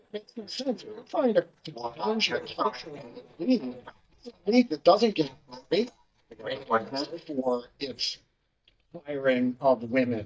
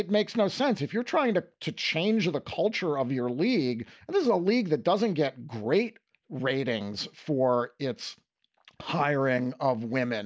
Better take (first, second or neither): second